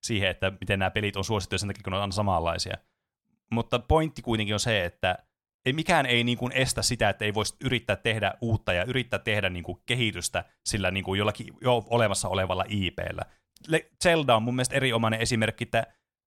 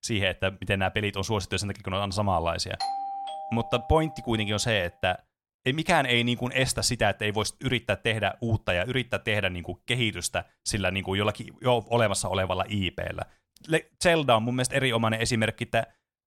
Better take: first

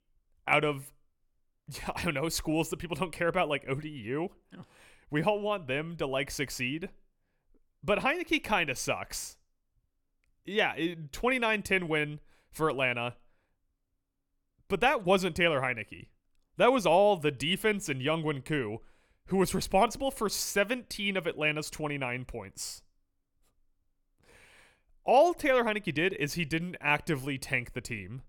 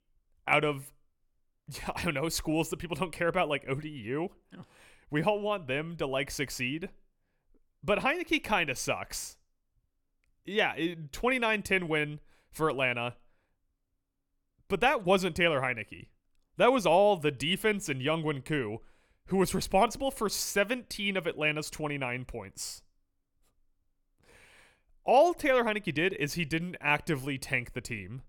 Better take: neither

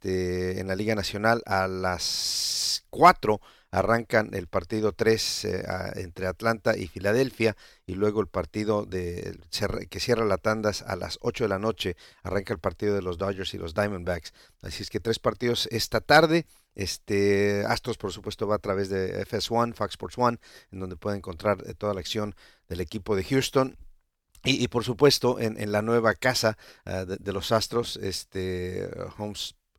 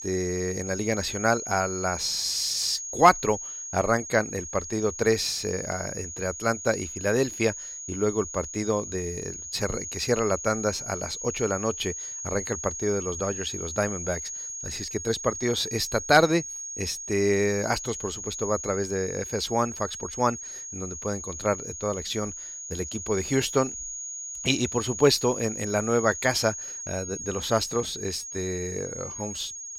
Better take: first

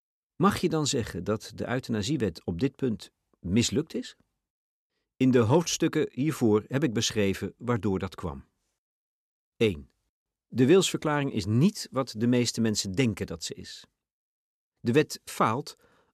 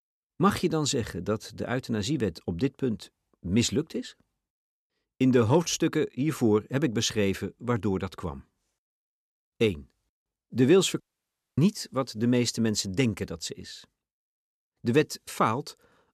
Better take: first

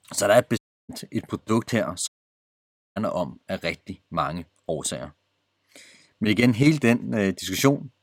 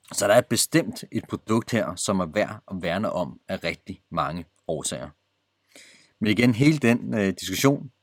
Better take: second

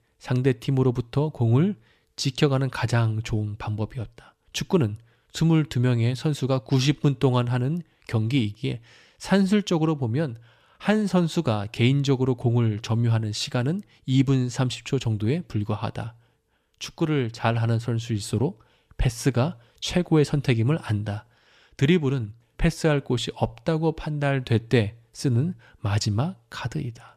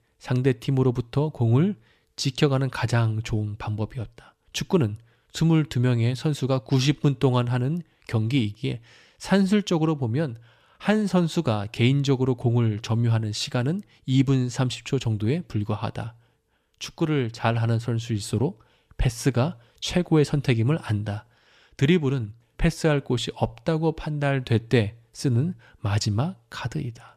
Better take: neither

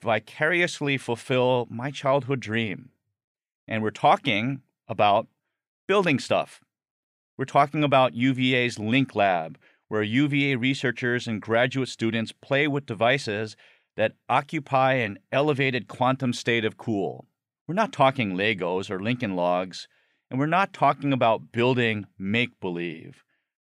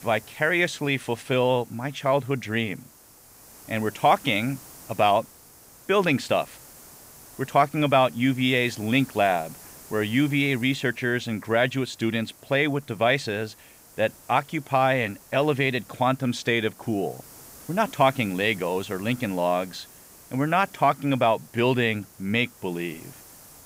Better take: first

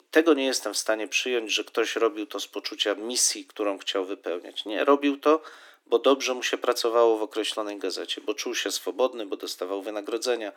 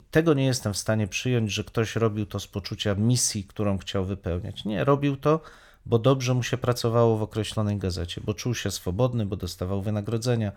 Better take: second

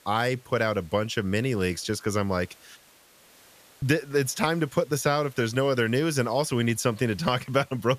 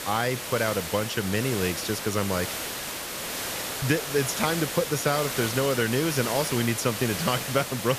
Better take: first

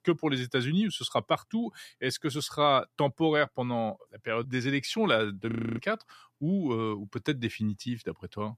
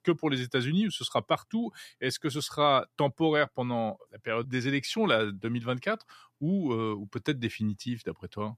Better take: second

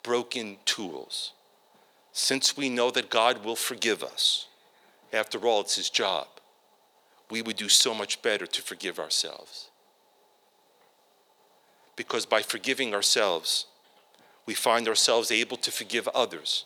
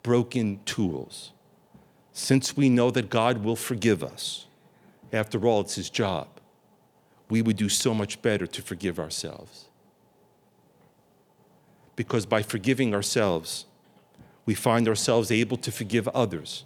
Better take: second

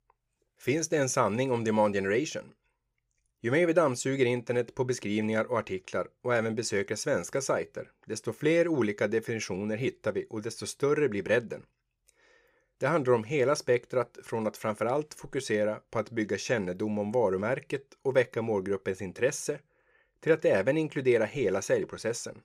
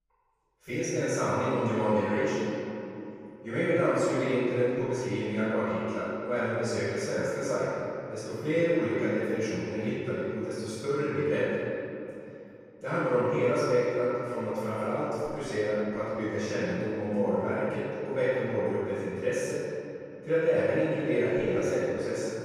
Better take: first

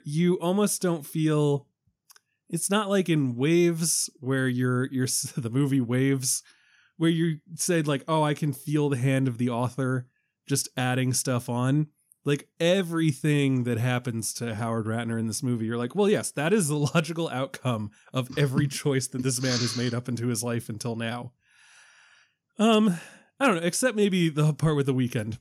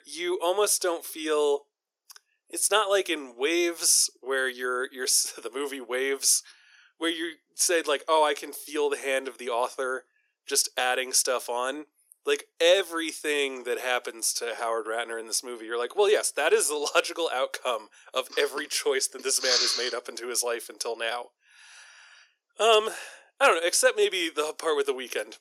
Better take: first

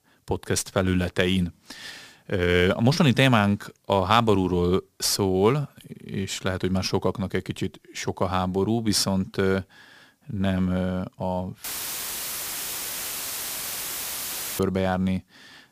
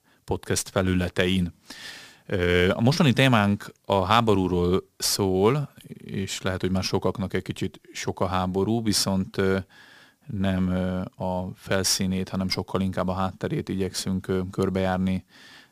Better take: second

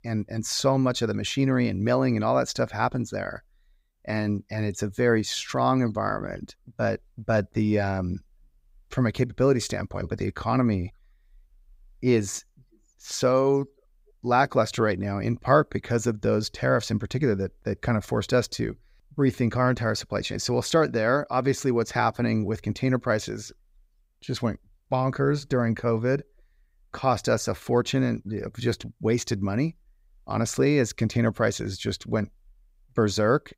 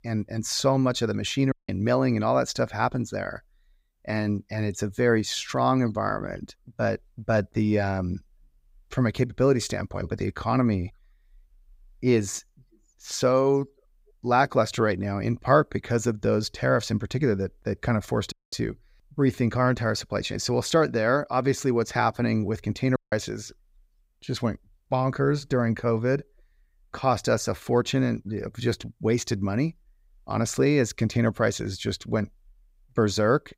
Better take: first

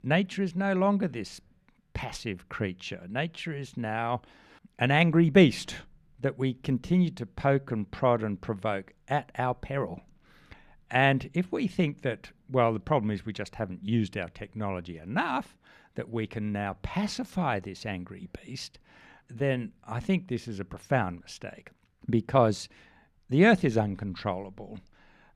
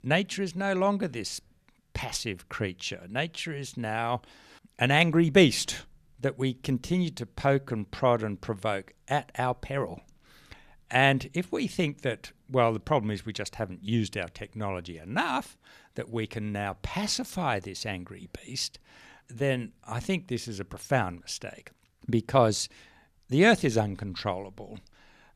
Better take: second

